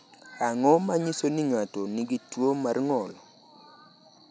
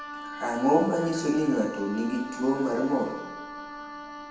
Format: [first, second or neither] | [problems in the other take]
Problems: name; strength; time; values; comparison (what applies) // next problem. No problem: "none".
first | background sound (Wind instrument, woodwind instrument); 12 dB below the speech // room echo; dies away in 0.9 s